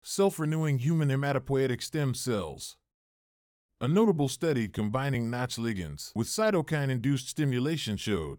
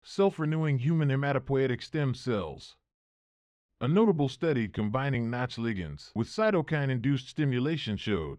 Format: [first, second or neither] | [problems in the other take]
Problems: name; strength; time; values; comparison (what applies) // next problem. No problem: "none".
first | muffled; slightly; fading above 3 kHz